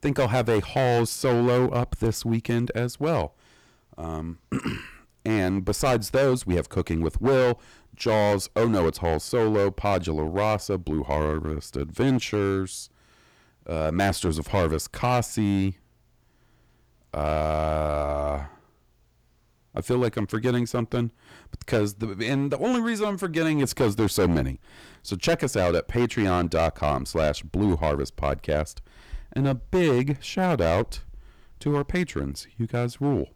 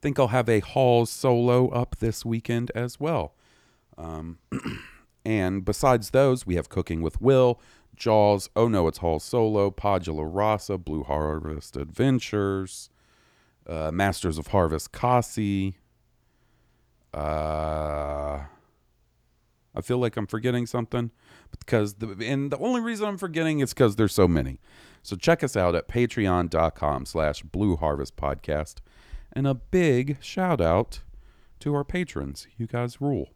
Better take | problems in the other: second | distortion; heavy; 8% of the sound clipped

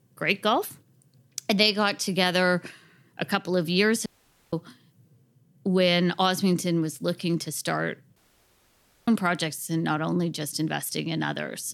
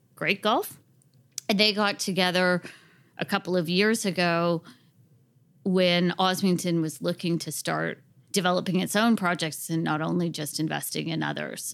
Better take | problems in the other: second | audio cutting out; at 4 s and at 8 s for 1 s

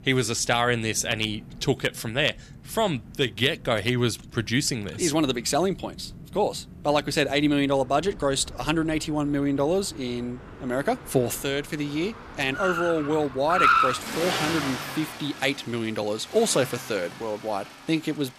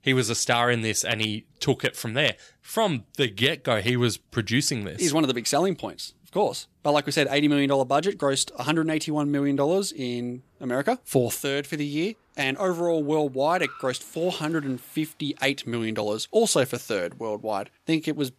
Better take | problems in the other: second | traffic noise; loud; throughout; 3 dB below the speech; faint in the second

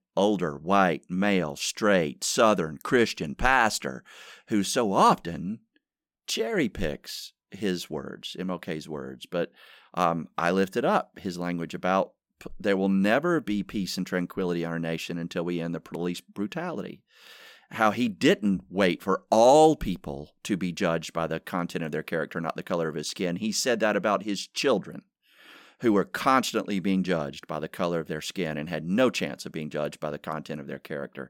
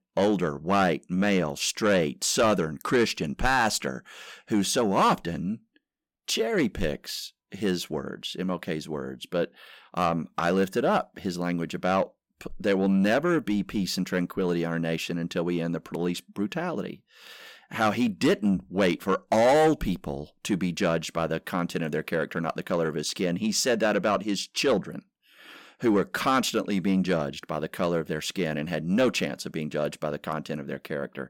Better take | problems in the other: first | distortion; slight; 10 dB below the speech

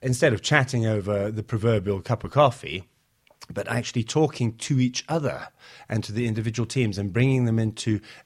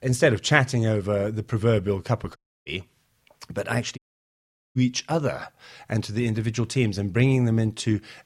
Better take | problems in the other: first | audio cutting out; at 2.5 s and at 4 s for 1 s

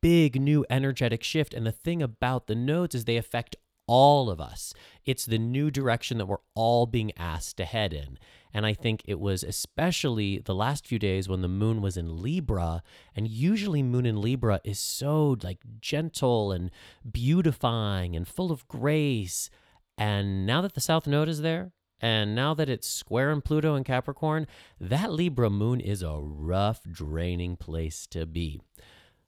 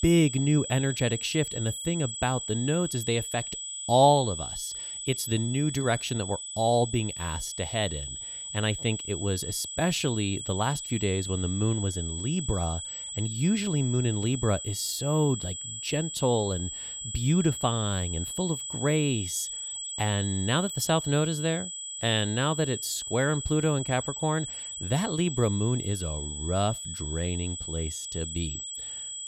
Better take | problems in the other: first | high-pitched whine; loud; throughout; 8 kHz, 6 dB below the speech

